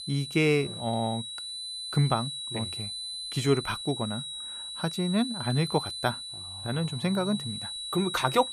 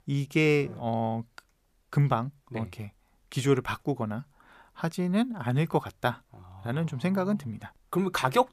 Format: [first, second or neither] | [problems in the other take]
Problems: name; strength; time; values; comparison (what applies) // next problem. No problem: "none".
second | high-pitched whine; loud; throughout; 4 kHz, 6 dB below the speech